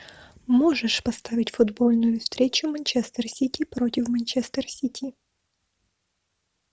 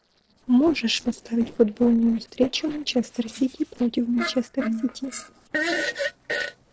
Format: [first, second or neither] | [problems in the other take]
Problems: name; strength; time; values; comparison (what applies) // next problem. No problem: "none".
first | noise reduction (neural separator model SepFormer DNS4)